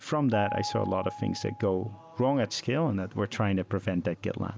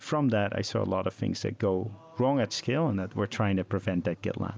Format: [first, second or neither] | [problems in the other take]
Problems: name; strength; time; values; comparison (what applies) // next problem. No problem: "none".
second | background sound (Piano); 13 dB below the speech